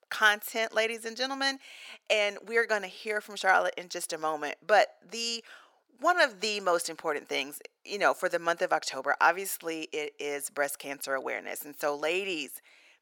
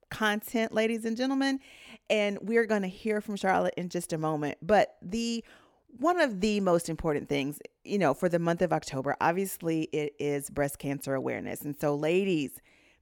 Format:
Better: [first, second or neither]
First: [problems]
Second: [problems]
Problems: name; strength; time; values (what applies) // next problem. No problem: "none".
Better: second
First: thin; very; fading below 600 Hz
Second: none